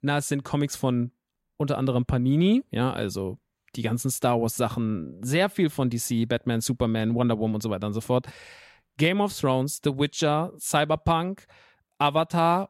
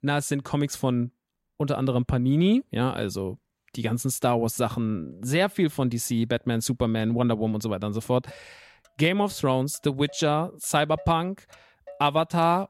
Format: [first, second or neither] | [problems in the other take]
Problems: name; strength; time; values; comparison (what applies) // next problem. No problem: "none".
first | traffic noise; faint; throughout; 25 dB below the speech